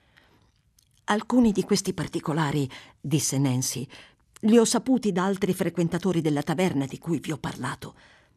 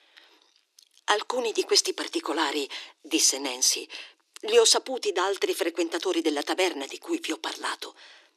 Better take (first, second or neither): first